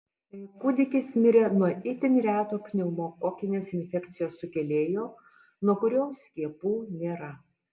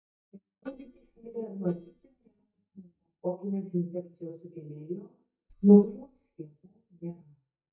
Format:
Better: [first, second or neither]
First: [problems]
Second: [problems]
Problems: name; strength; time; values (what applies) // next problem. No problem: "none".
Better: first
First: none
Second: noise reduction (neural mask model DeepFilterNet 3)